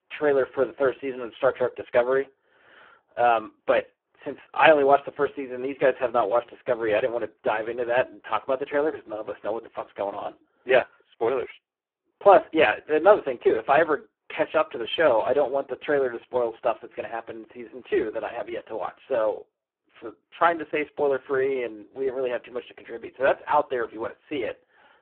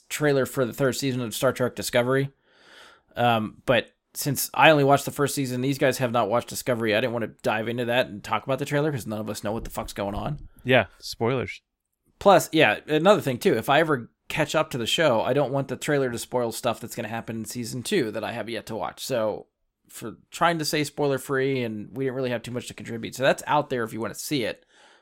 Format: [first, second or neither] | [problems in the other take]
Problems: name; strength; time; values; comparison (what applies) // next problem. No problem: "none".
second | phone-call audio; poor line